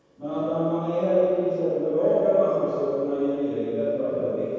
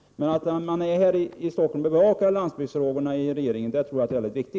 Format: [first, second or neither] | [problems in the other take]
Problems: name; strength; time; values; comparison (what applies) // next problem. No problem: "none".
second | room echo; dies away in 2.2 s